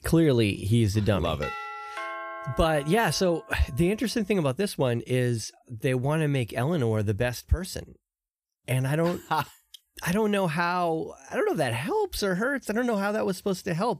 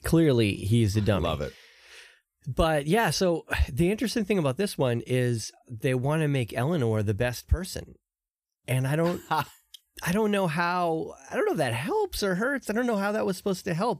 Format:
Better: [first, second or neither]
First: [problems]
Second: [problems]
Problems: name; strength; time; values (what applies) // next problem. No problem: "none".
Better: second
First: doorbell; noticeable; from 1.5 to 3.5 s; peak 8 dB below the speech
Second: none